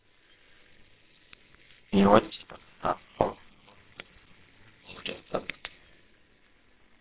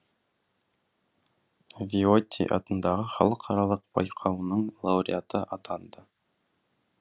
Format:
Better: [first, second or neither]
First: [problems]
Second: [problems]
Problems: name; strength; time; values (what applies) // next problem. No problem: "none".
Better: second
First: noise reduction (neural separator model SepFormer WHAMR!)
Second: none